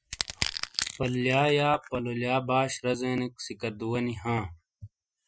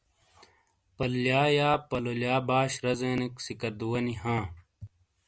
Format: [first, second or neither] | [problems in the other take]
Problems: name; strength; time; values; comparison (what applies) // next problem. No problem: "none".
second | noise reduction (classical method Wiener filter)